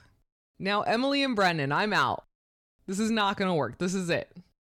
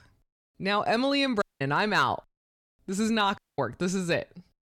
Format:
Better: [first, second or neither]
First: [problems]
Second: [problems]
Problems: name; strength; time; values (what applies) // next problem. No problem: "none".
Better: first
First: none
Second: audio cutting out; at 1.5 s and at 3.5 s